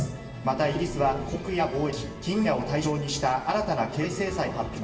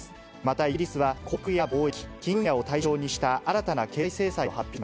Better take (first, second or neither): second